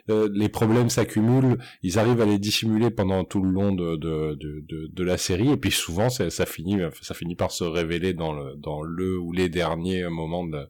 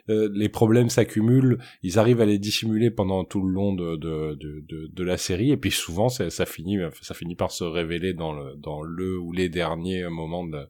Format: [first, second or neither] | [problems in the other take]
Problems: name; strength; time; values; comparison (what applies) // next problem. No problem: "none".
second | distortion; slight; 6% of the sound clipped